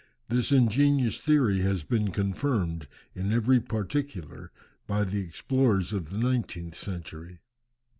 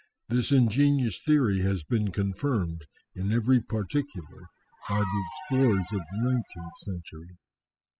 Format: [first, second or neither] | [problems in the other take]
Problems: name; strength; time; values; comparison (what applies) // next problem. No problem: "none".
first | noise reduction (classical method spectral subtraction)